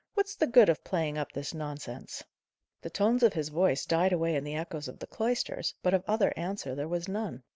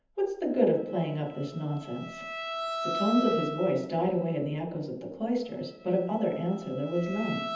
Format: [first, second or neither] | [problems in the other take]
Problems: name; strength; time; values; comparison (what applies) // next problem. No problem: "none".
first | background sound (Bowed string instrument); 9 dB below the speech // room echo; dies away in 0.8 s